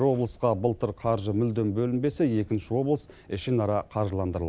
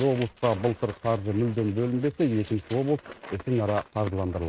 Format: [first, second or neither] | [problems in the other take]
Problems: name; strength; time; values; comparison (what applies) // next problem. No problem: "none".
first | noise reduction (neural mask model RNNoise)